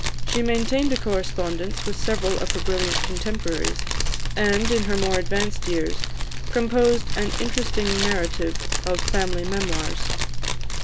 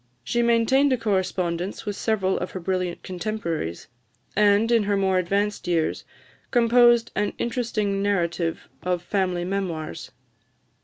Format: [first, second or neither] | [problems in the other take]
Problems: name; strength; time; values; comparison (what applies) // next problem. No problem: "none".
second | background sound (Fire); 3 dB above the speech